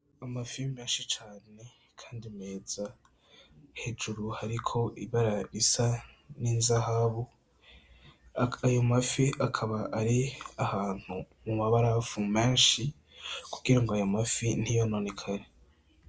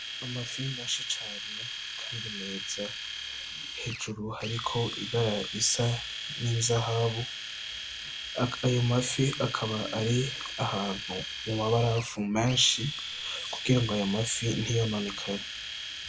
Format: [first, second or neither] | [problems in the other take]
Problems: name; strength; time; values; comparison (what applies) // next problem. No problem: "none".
first | background sound (Domestic sounds, home sounds); 7 dB below the speech